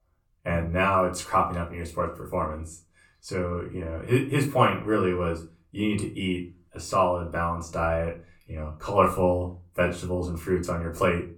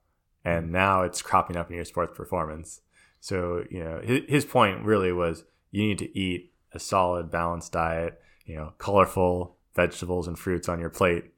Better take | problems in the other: second | off-mic speech; far // room echo; very slight; dies away in 0.3 s

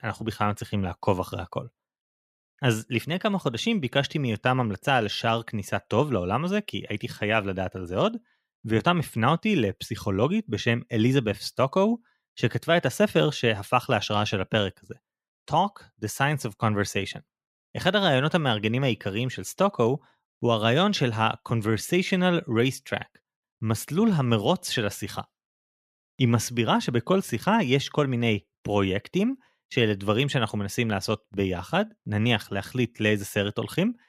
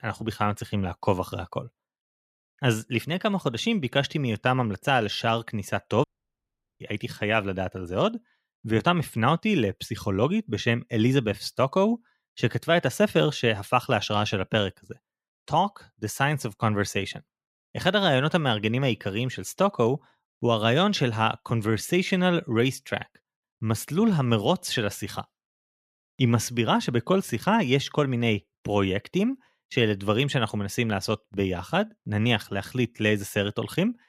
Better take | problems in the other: first | audio cutting out; at 6 s for 1 s

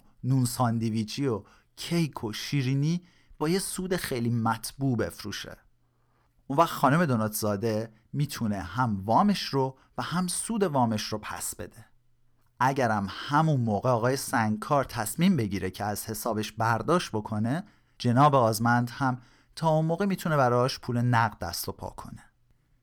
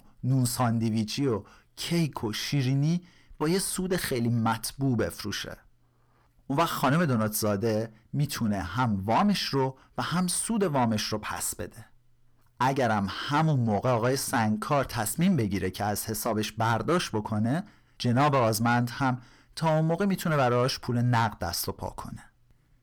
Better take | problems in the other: first | distortion; slight; 10 dB below the speech

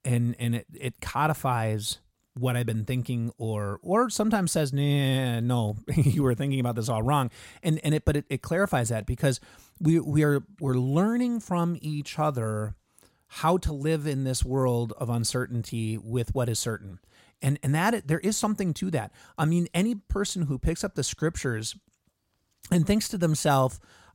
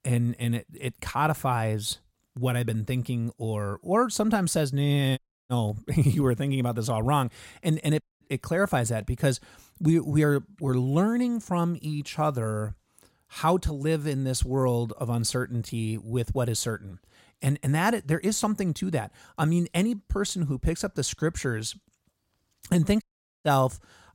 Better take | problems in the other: first | audio cutting out; at 5 s, at 8 s and at 23 s

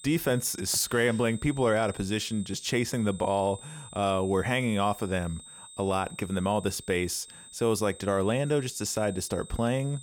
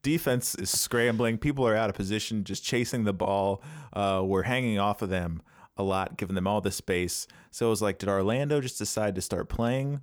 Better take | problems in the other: second | high-pitched whine; noticeable; throughout; 8.5 kHz, 15 dB below the speech

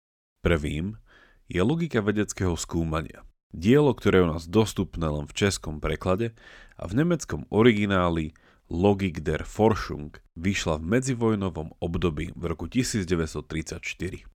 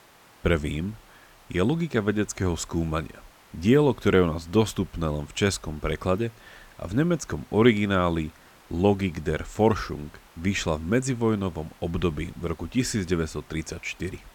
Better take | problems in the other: first | hiss; faint; throughout; 25 dB below the speech

